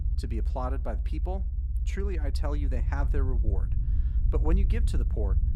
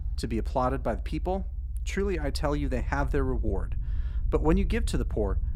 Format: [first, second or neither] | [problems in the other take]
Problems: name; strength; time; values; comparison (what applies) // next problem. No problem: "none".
second | low rumble; loud; throughout; 10 dB below the speech; faint in the second